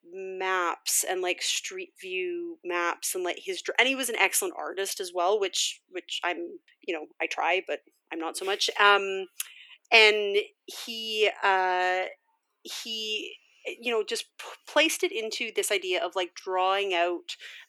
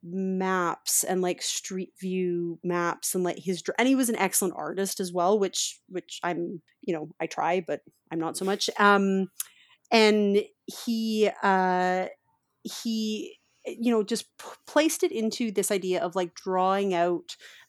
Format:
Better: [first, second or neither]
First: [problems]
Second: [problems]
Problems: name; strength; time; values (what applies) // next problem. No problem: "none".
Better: second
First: thin; very; fading below 350 Hz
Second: none